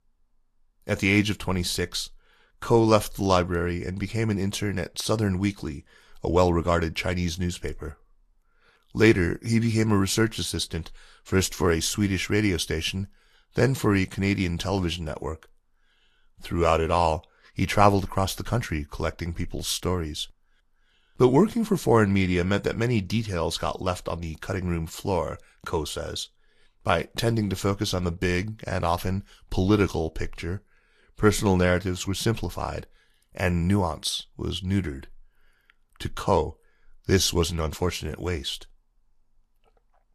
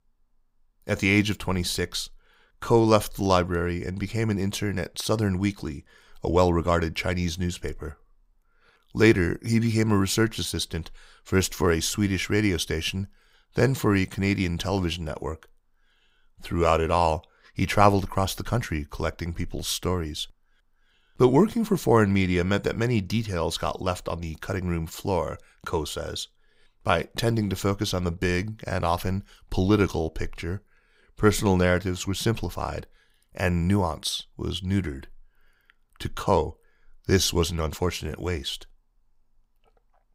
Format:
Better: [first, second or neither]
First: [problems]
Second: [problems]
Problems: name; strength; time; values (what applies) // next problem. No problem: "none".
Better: second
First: garbled, watery; slightly; nothing above 13 kHz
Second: none